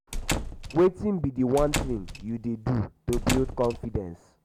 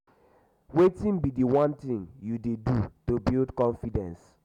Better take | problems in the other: second | background sound (Squeak / Slam / Wood); 5 dB below the speech

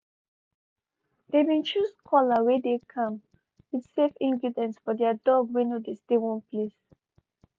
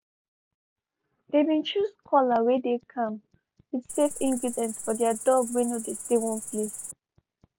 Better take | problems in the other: first | background sound (Cricket); 10 dB below the speech

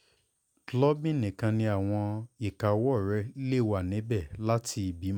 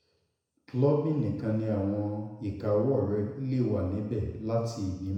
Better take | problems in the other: first | room echo; dies away in 1 s

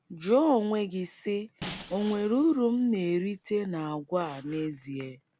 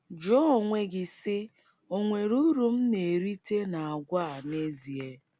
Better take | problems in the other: second | background sound (Shatter); 19 dB below the speech

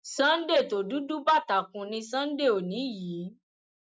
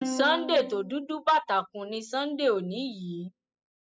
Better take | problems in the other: first | noise reduction (classical method spectral subtraction)

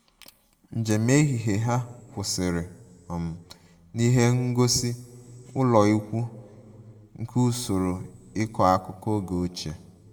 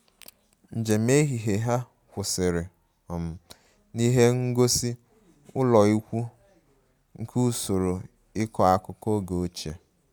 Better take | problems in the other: second | room echo; dies away in 1.3 s

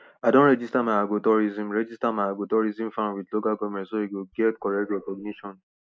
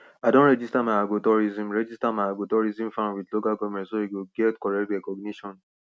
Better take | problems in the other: second | noise reduction (neural mask model Resemble Enhance denoiser)

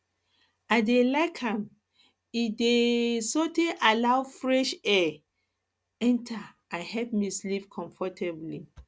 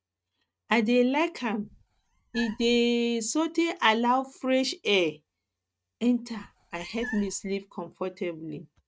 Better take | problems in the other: first | noise reduction (neural mask model RNNoise)

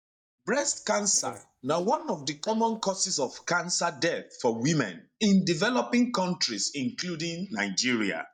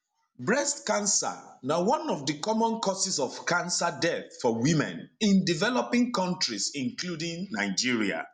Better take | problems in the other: second | noise reduction (neural mask model DeepFilterNet 3)

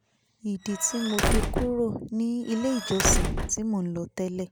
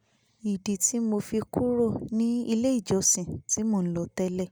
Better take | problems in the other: second | background sound (Squeak / Slam / Wood); 1 dB above the speech

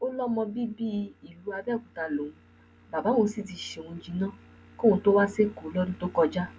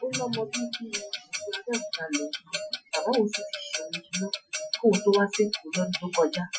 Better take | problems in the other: first | noise reduction (classical method Wiener filter)

